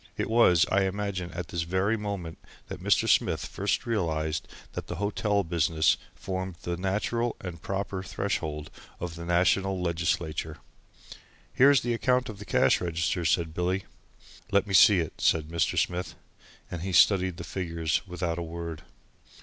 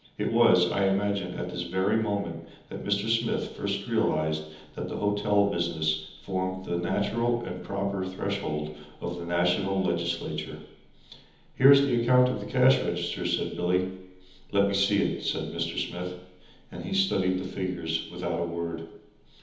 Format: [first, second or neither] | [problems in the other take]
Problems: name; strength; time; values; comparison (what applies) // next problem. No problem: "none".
first | room echo; dies away in 1.3 s